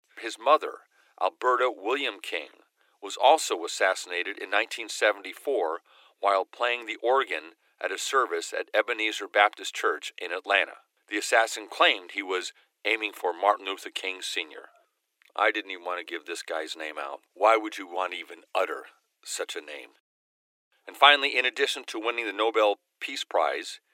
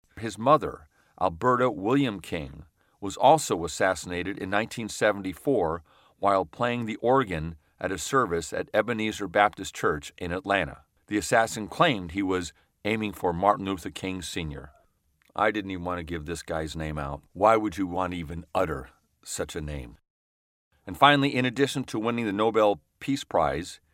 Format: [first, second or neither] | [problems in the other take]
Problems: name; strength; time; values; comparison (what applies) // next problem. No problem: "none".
second | thin; very; fading below 350 Hz